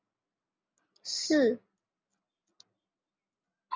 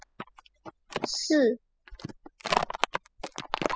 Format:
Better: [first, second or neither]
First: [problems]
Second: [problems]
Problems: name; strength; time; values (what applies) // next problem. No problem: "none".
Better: first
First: none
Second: noise reduction (classical method spectral subtraction)